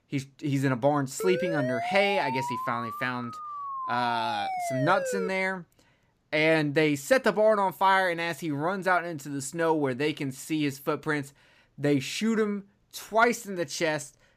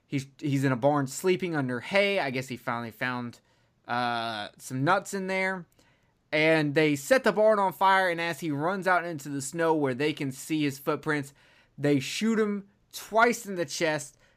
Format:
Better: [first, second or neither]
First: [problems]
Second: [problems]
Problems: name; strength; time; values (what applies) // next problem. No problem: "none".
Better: second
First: siren; noticeable; from 1 to 5.5 s; peak 4 dB below the speech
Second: none